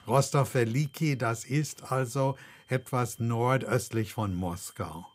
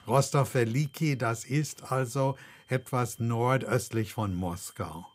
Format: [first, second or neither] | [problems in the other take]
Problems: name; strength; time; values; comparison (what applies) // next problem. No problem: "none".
neither | high-pitched whine; faint; throughout; 3 kHz, 30 dB below the speech; the same in both